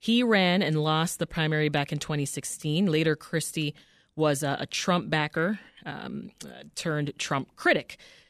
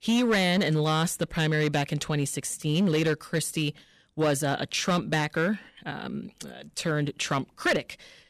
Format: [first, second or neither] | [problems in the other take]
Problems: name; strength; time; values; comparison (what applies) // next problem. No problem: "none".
first | distortion; slight; 6% of the sound clipped